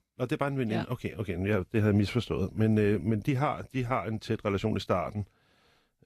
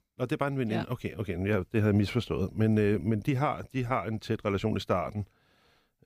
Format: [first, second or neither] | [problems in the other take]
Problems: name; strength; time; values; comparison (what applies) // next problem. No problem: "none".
second | garbled, watery; slightly; nothing above 13 kHz